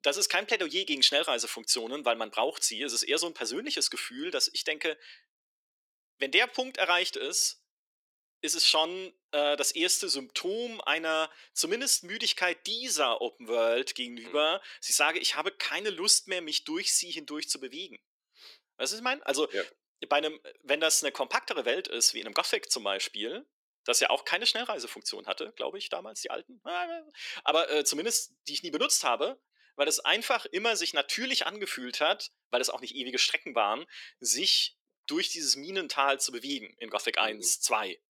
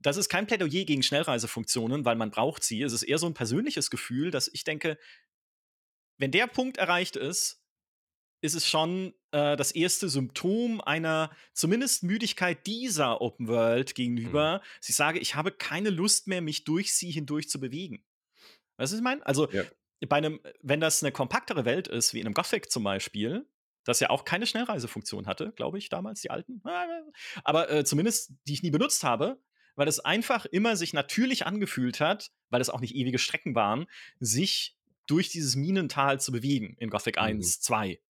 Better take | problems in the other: second | thin; somewhat; fading below 350 Hz

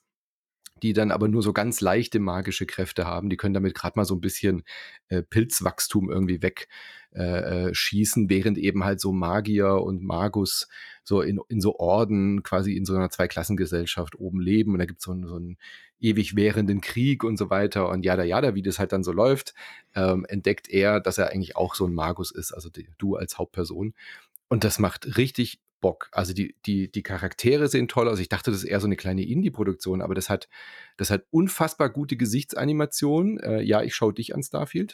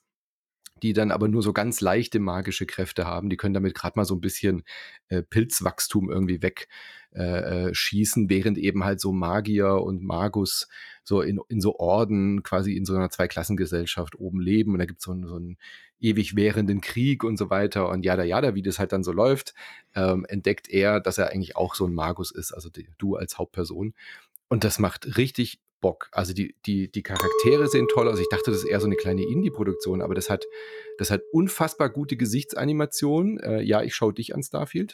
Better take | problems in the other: first | clattering dishes; loud; from 27 to 31 s; peak 3 dB above the speech

